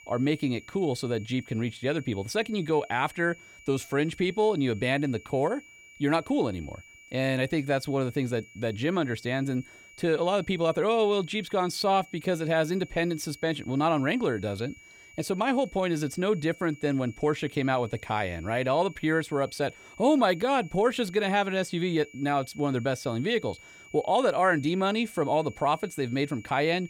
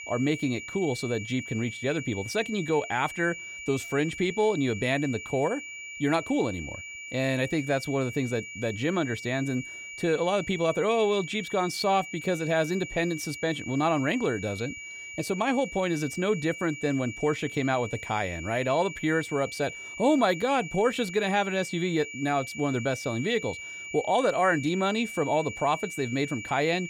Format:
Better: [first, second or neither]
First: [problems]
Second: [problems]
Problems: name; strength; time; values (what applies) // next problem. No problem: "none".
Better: first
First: high-pitched whine; faint; throughout; 2.5 kHz, 20 dB below the speech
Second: high-pitched whine; loud; throughout; 2.5 kHz, 10 dB below the speech